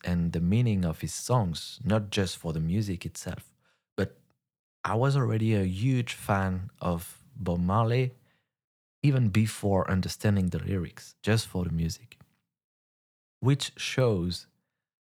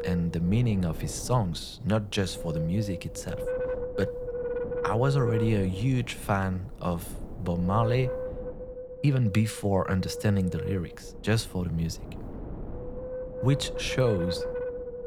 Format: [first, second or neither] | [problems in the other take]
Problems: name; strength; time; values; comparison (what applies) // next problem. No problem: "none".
first | wind noise on the microphone; heavy; 4 dB below the speech